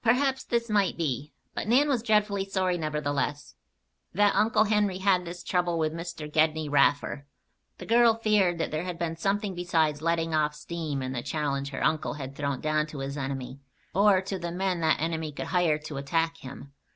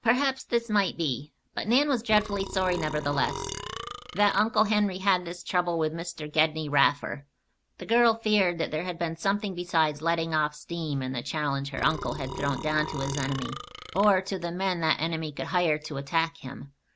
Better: first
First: none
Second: background sound (Burping, eructation); 9 dB below the speech

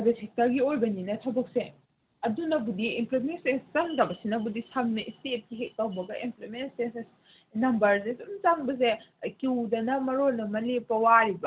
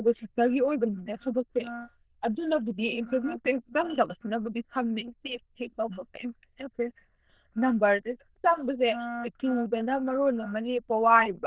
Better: first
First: none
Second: noise reduction (neural diffusion model UNIVERSE++)

